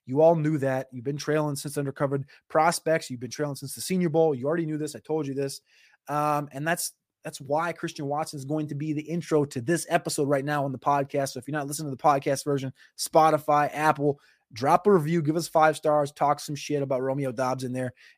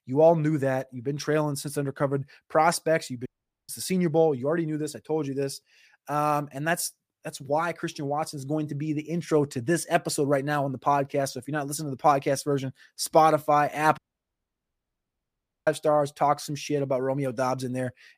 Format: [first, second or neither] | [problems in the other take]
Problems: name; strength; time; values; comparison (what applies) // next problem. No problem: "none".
first | audio cutting out; at 3.5 s and at 14 s for 1.5 s